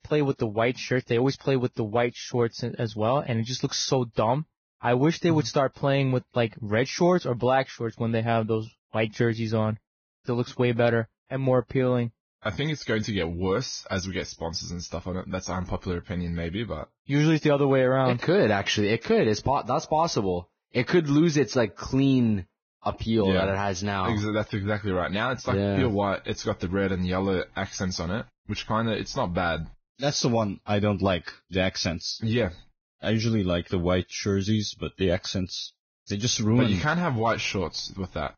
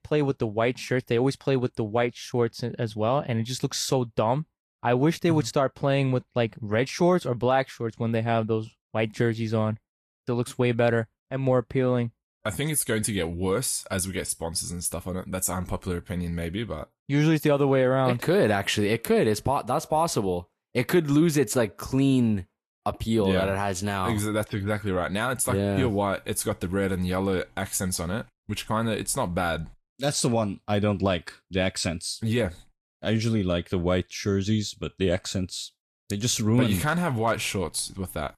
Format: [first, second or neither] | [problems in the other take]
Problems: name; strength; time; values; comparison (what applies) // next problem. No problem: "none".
second | garbled, watery; badly; nothing above 6.5 kHz; slightly in the second